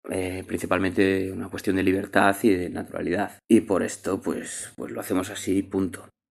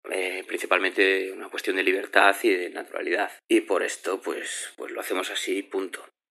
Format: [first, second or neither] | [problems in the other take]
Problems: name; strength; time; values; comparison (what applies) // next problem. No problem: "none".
first | thin; somewhat; fading below 350 Hz